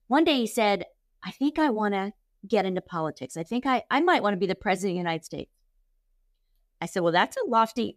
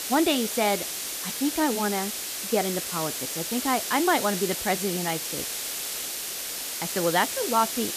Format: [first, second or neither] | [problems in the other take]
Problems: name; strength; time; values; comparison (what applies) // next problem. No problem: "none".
first | hiss; loud; throughout; 3 dB below the speech